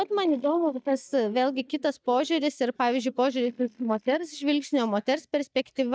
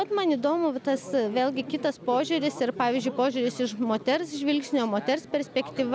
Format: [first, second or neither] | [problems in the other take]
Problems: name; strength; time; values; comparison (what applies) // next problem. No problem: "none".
second | noise reduction (neural mask model DeepFilterNet 3)